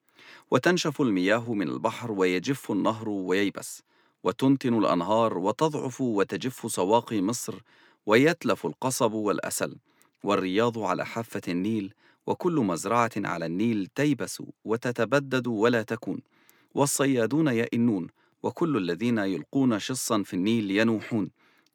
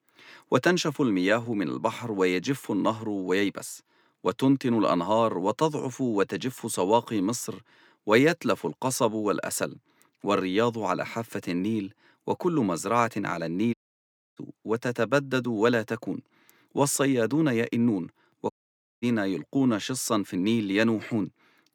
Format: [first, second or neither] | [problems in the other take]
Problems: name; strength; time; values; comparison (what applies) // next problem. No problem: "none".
first | audio cutting out; at 14 s for 0.5 s and at 19 s for 0.5 s